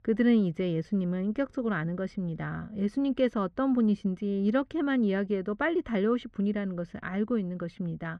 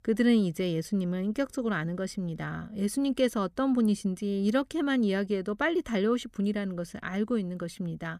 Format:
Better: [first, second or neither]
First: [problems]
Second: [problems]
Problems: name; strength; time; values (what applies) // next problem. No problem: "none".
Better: second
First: muffled; slightly; fading above 2.5 kHz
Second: none